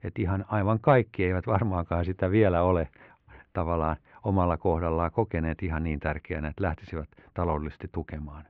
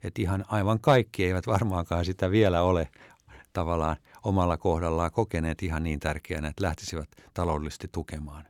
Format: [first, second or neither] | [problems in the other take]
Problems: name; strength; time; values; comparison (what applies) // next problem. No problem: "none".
second | muffled; very; fading above 2.5 kHz